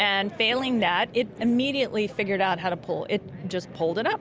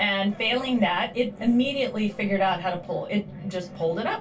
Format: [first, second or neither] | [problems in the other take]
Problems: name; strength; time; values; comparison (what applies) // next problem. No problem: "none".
first | room echo; dies away in 0.2 s